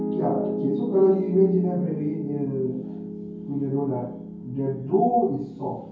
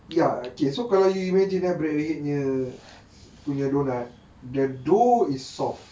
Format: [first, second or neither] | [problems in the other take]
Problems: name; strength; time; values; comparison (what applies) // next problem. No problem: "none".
second | background sound (Piano); 7 dB below the speech // room echo; dies away in 0.9 s